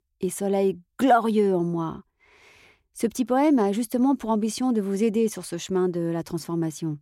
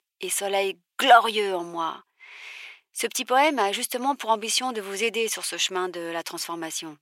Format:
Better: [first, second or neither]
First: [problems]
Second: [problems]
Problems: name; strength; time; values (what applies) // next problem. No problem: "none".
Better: first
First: none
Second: thin; very; fading below 800 Hz